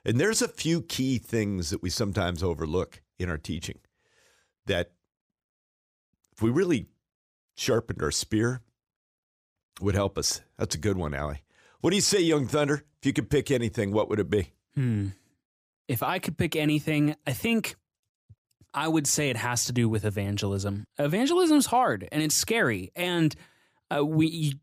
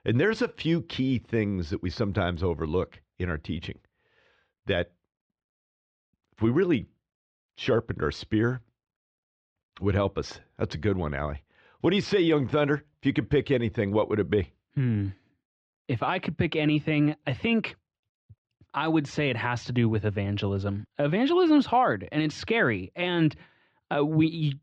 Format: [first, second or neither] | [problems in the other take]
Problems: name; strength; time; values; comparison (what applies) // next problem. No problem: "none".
first | muffled; very; fading above 3.5 kHz